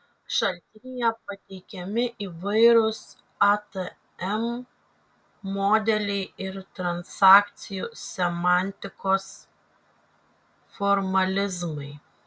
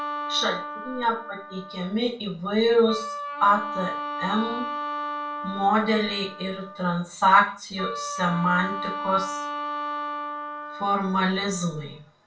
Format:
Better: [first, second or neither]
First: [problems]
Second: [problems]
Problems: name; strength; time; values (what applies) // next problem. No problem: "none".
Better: first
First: none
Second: background sound (Wind instrument, woodwind instrument); 8 dB below the speech // room echo; dies away in 0.3 s